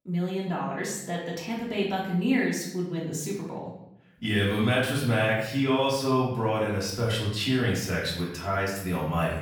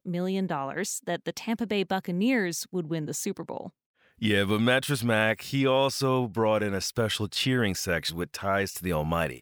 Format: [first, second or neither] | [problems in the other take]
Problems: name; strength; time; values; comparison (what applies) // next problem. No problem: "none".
second | off-mic speech; far // room echo; noticeable; dies away in 0.7 s